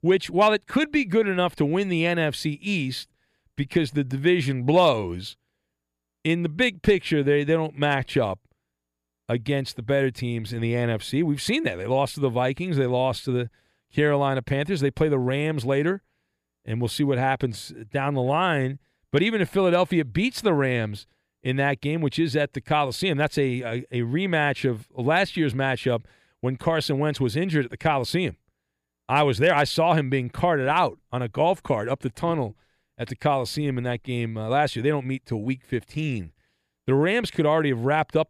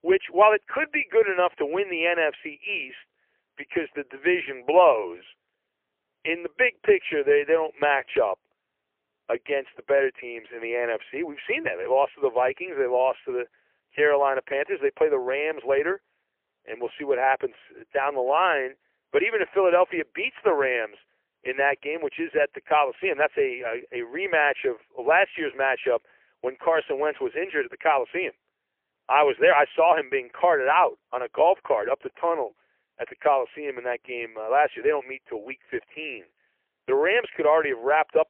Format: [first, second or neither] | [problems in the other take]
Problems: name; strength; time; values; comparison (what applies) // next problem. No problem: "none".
first | phone-call audio; poor line; nothing above 3 kHz